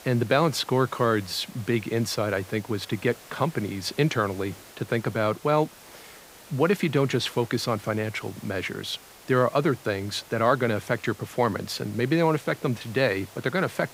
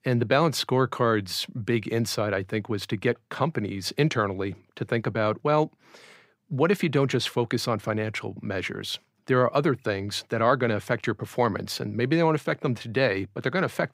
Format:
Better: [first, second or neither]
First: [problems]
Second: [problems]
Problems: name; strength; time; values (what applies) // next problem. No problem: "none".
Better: second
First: hiss; faint; throughout; 20 dB below the speech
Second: none